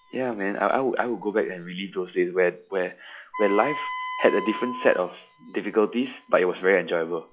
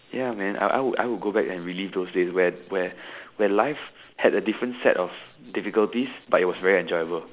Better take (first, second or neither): second